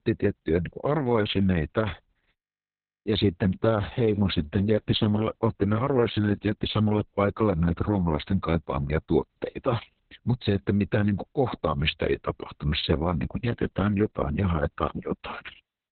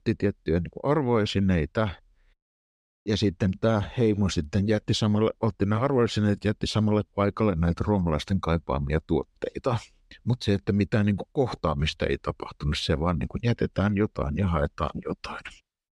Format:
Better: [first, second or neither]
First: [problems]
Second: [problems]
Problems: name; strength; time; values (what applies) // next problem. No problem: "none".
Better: second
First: garbled, watery; badly; nothing above 4 kHz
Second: none